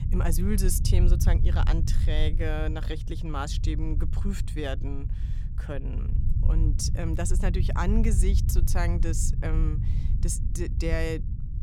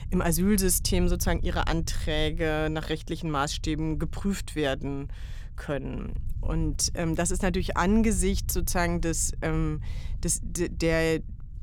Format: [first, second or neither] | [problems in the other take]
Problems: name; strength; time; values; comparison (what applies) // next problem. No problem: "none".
second | low rumble; loud; throughout; 10 dB below the speech; faint in the second